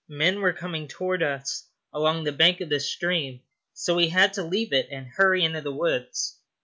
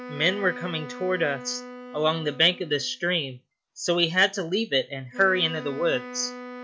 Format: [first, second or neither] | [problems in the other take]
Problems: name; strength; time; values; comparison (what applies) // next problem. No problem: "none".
first | background sound (Wind instrument, woodwind instrument); 14 dB below the speech